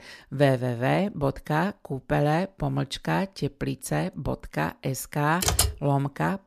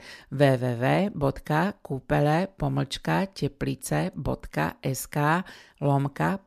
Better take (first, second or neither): second